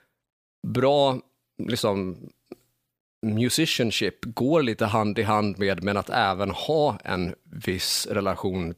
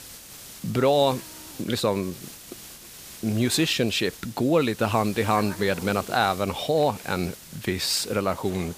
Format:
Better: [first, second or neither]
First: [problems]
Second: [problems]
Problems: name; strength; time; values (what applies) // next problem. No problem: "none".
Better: first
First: none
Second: hiss; noticeable; throughout; 15 dB below the speech